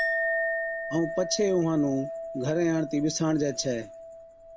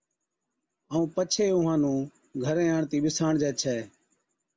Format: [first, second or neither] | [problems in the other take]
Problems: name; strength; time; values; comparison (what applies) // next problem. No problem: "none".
second | background sound (Chink, clink); 5 dB below the speech